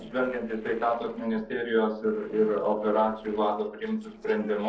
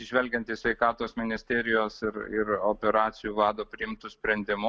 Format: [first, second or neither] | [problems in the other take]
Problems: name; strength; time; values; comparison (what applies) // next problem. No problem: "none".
second | noise reduction (neural separator model SepFormer DNS4)